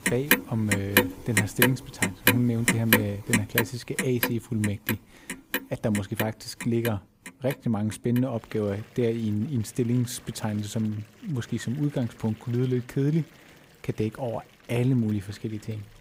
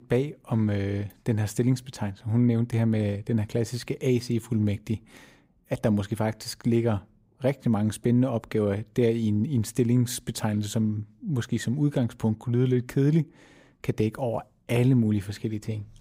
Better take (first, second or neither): second